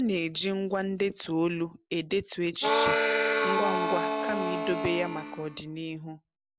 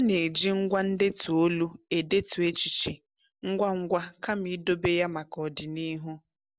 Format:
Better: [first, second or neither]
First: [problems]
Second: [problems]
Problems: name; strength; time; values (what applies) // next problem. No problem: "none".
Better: second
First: background sound (Harmonica); 3 dB above the speech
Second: none